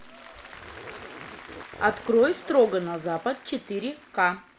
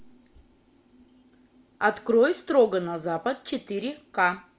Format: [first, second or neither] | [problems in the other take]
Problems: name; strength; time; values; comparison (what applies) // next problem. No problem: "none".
second | background sound (Applause + Zipper (clothing)); 17 dB below the speech